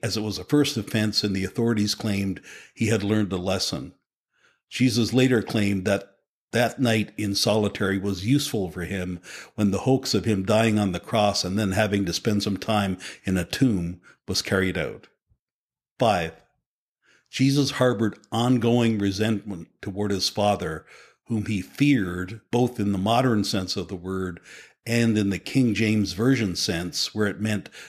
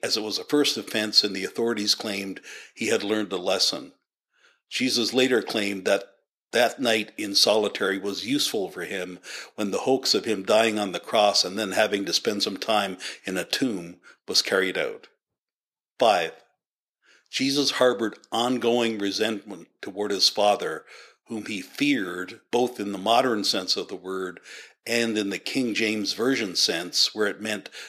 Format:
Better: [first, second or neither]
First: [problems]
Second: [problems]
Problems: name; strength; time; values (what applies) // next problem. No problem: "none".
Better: first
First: none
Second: thin; somewhat; fading below 400 Hz